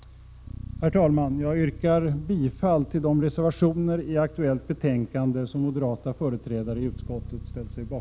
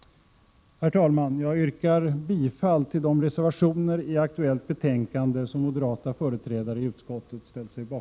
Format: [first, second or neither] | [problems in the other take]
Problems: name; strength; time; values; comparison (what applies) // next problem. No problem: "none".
second | background sound (Bass guitar); 15 dB below the speech